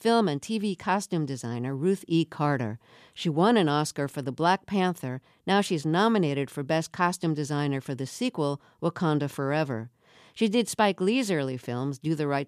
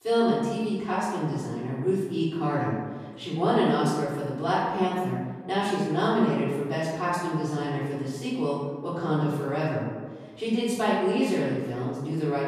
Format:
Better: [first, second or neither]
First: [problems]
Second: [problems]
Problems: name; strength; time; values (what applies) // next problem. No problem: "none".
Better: first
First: none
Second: room echo; strong; dies away in 1.4 s // off-mic speech; far